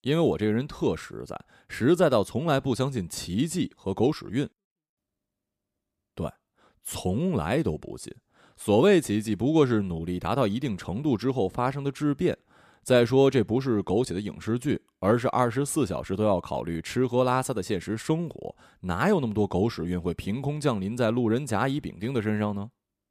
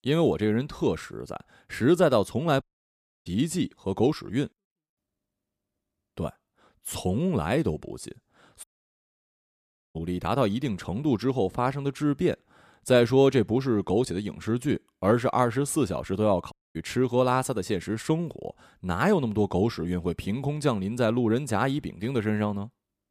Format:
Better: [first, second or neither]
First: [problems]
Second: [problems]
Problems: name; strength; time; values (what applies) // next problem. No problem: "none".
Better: first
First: none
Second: audio cutting out; at 2.5 s for 0.5 s, at 8.5 s for 1.5 s and at 17 s